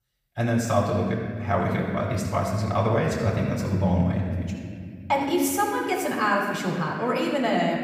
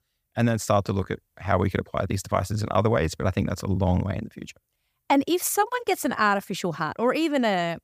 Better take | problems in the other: second | off-mic speech; far // room echo; noticeable; dies away in 2.1 s

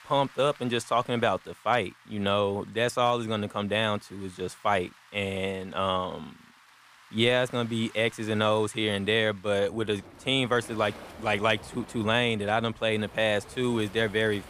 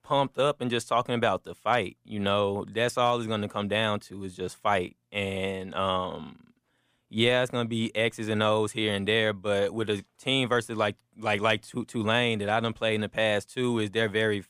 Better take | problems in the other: second | rain or running water; faint; throughout; 25 dB below the speech

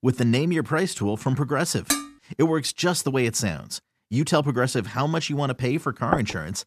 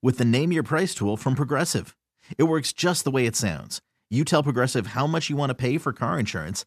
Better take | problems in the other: second | clattering dishes; noticeable; at 2 s; peak 1 dB below the speech // door banging; noticeable; at 6 s; peak 4 dB below the speech

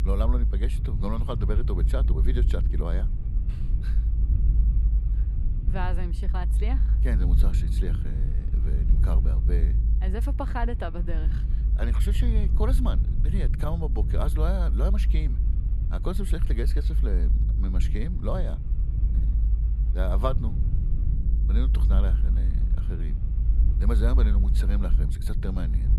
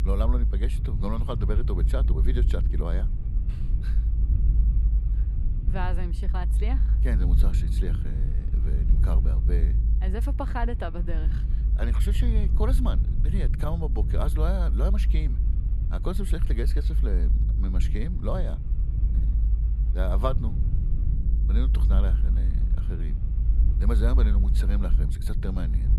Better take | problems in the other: neither | low rumble; loud; throughout; 8 dB below the speech; the same in both

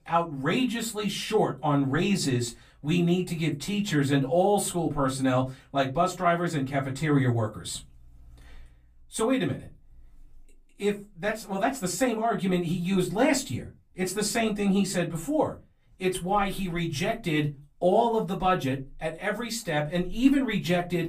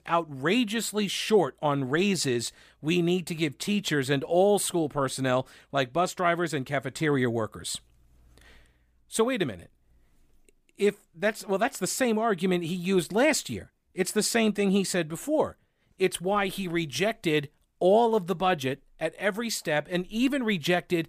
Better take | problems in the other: second | off-mic speech; far // room echo; very slight; dies away in 0.2 s

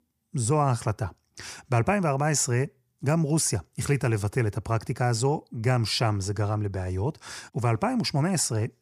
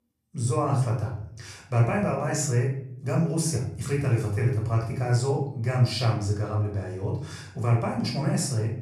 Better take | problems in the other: first | off-mic speech; far // room echo; noticeable; dies away in 0.6 s

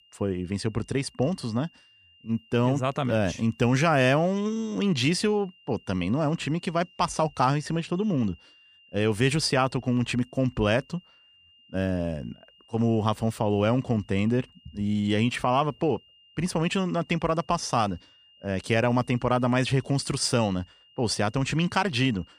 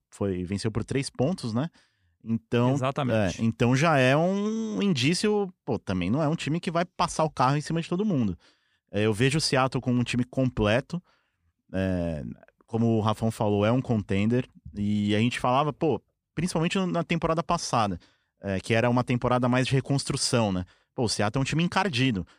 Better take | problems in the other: second | high-pitched whine; faint; throughout; 3 kHz, 30 dB below the speech

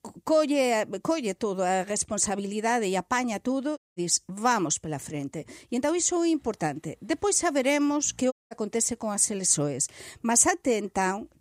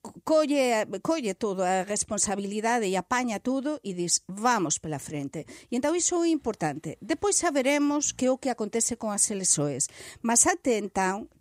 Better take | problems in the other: second | audio cutting out; at 4 s and at 8.5 s

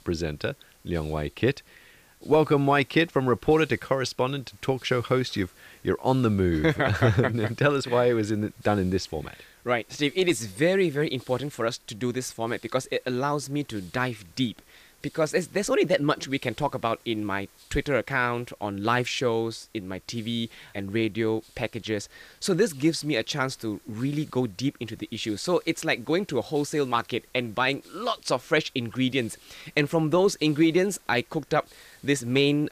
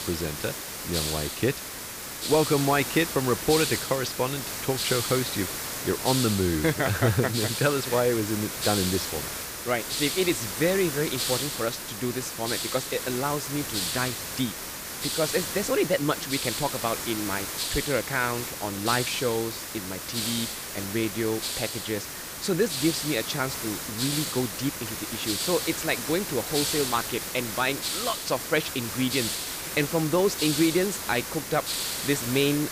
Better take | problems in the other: first | hiss; loud; throughout; 2 dB below the speech; faint in the first

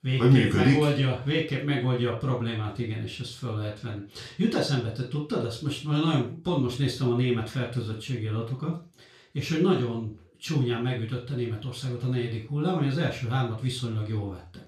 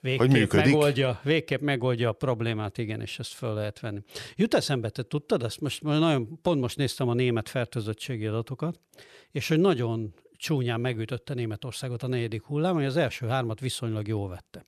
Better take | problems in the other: second | room echo; noticeable; dies away in 0.3 s // off-mic speech; far

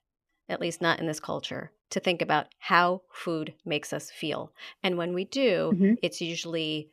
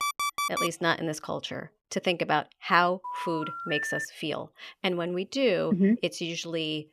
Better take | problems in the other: first | alarm; noticeable; at the start; peak level with the speech // phone ringing; noticeable; from 3 to 4 s; peak 3 dB below the speech

